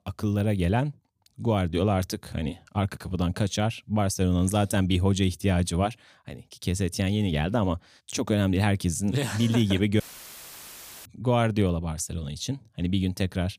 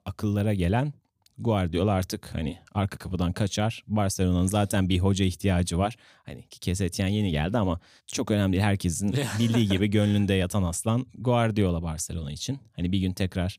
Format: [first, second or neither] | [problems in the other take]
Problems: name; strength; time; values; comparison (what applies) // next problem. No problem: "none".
second | audio cutting out; filled with static; at 10 s for 1 s